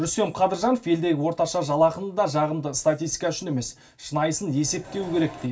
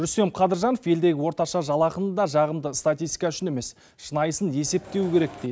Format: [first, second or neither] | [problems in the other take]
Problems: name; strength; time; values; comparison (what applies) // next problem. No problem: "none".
second | room echo; dies away in 0.2 s